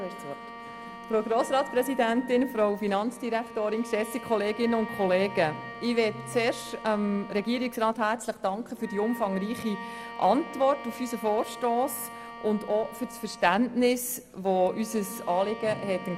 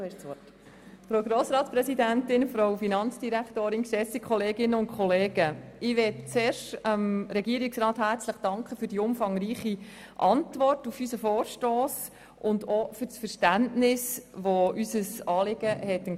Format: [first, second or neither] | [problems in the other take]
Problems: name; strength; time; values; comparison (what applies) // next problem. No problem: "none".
second | background sound (Wind instrument, woodwind instrument + Bowed string instrument); 14 dB below the speech